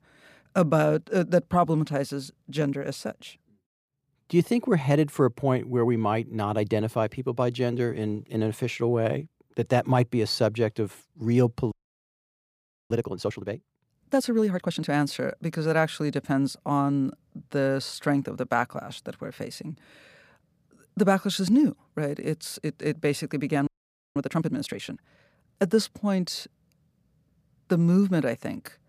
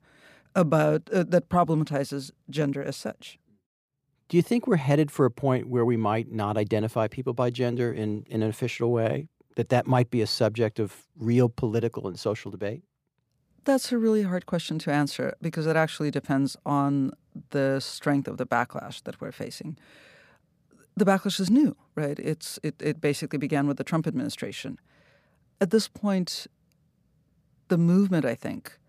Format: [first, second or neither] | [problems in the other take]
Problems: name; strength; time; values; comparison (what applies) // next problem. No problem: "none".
second | audio freezing; at 12 s for 1 s and at 24 s